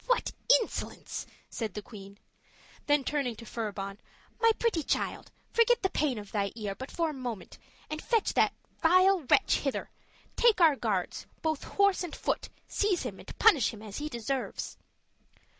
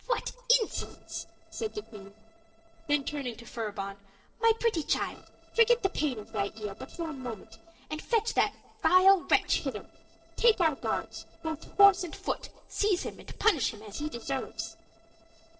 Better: first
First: none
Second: noise reduction (neural separator model SepFormer DNS4)

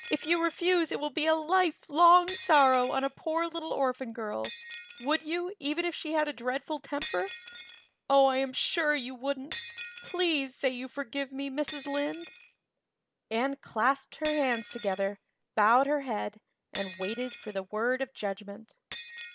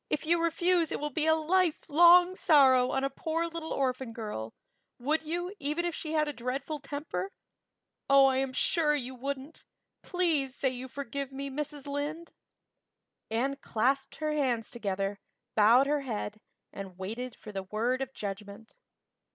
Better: second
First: background sound (Shatter); 18 dB below the speech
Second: none

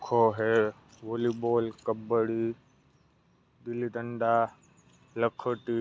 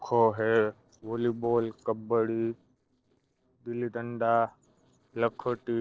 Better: first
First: none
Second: noise reduction (neural separator model SepFormer DNS4)

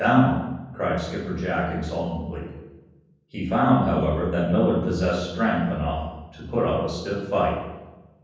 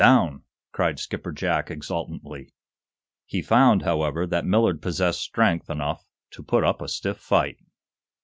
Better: second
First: room echo; dies away in 1.1 s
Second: none

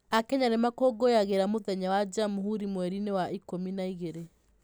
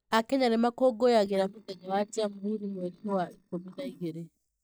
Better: first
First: none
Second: noise reduction (neural mask model DeepFilterNet 3)

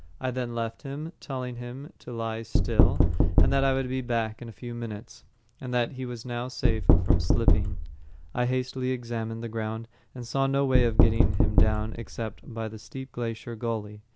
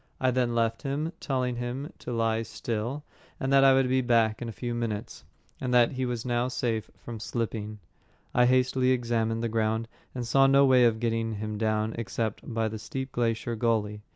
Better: second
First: background sound (Knock); 4 dB above the speech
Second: none

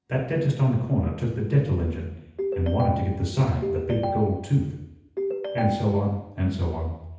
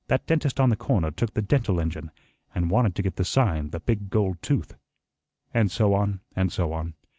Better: second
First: background sound (Ringtone); 6 dB below the speech // room echo; dies away in 0.8 s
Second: none

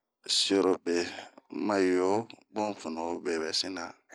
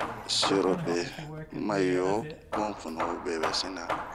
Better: first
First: none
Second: background sound (Hammer / Wood); 5 dB below the speech

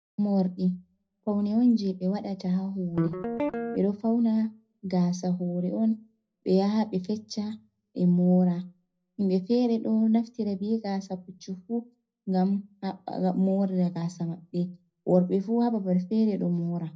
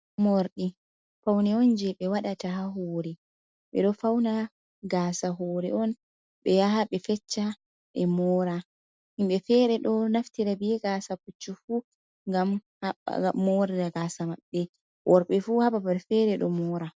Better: second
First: background sound (Guitar); 4 dB below the speech // room echo; dies away in 0.4 s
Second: none

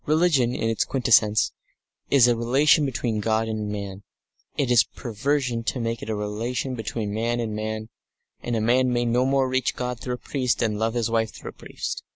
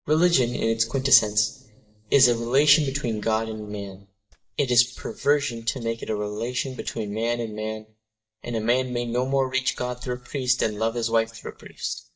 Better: first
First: none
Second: noise reduction (neural mask model DeepFilterNet 3)

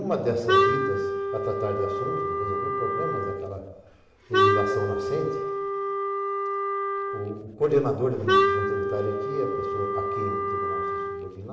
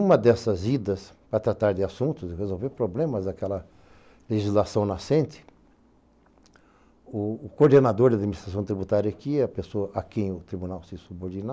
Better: second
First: background sound (Wind instrument, woodwind instrument); 4 dB above the speech // room echo; dies away in 1.2 s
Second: none

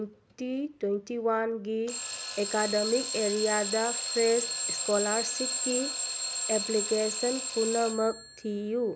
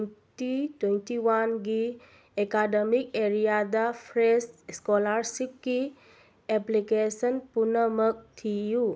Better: second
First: background sound (Alarm / Clock); 3 dB below the speech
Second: none

